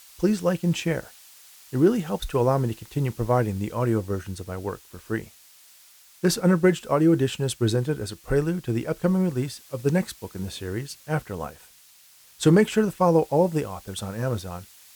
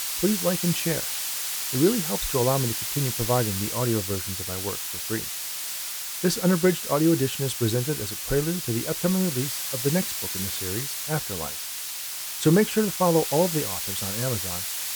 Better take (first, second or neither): first